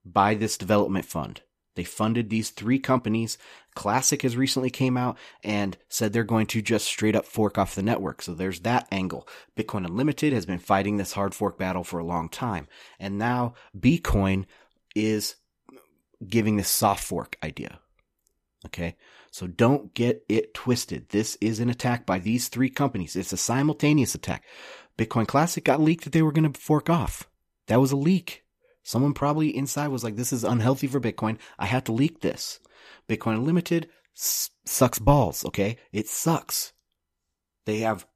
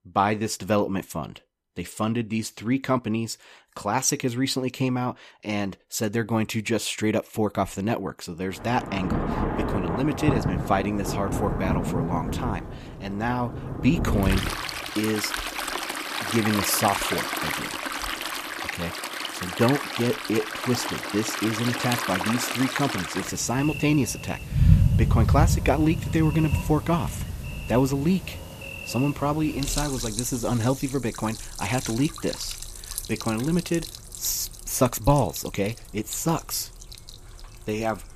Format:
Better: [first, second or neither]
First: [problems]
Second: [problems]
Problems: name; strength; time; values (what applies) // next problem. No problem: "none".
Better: first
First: none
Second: rain or running water; loud; from 9 s on; 3 dB below the speech